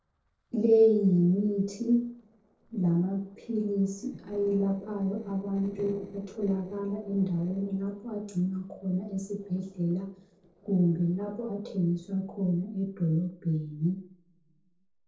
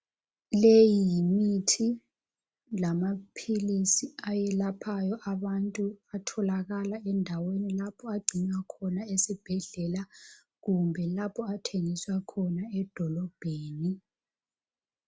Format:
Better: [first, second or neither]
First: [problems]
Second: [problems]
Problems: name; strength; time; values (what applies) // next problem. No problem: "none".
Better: second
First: noise reduction (neural separator model SepFormer DNS4)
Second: none